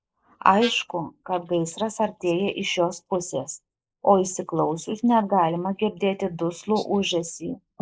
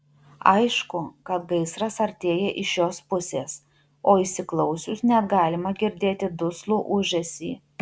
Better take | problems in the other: second | noise reduction (neural mask model Resemble Enhance denoiser)

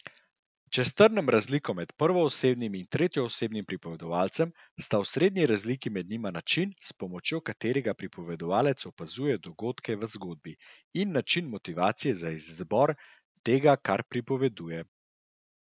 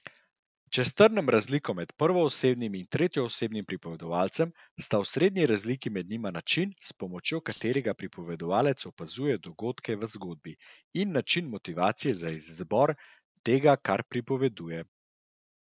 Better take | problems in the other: first | noise reduction (neural separator model SepFormer DNS4)

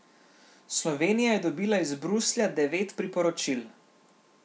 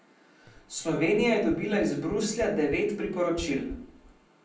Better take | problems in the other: first | background sound (Run); 19 dB below the speech // room echo; dies away in 0.6 s

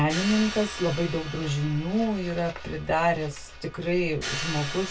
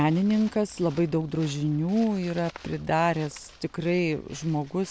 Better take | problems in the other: second | background sound (Crash cymbal); 11 dB below the speech // room echo; dies away in 0.1 s

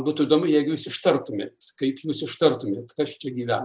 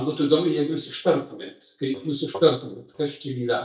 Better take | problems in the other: first | noise reduction (neural mask model DeepFilterNet 3)

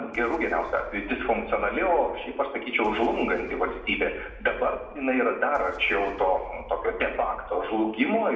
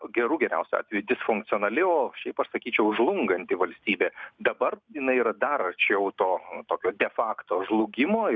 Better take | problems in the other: second | background sound (Boom); 19 dB below the speech // room echo; dies away in 0.8 s

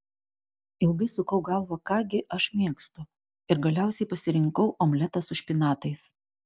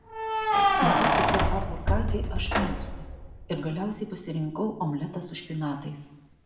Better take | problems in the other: first | background sound (Keys jangling); 5 dB above the speech // room echo; dies away in 0.7 s

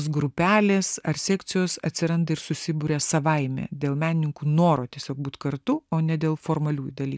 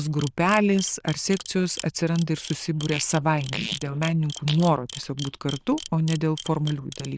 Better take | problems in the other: first | noise reduction (neural diffusion model UNIVERSE++)

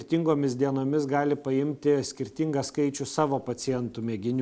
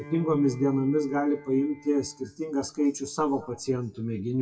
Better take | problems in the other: first | noise reduction (classical method WPE with log-MMSE)

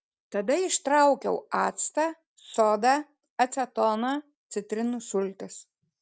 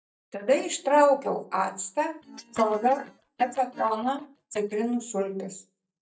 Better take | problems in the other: first | noise reduction (neural mask model DeepFilterNet 3)

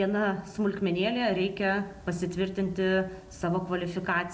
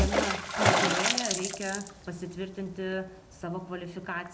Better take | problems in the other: first | background sound (Water / Splash, splatter); 4 dB above the speech

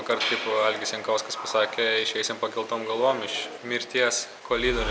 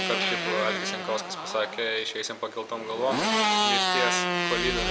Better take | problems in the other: first | background sound (Motorcycle); 2 dB above the speech

